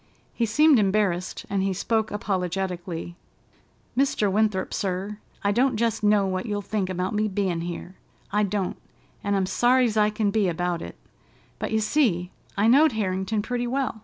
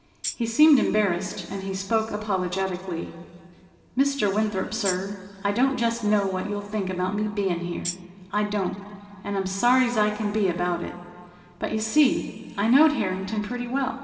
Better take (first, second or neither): first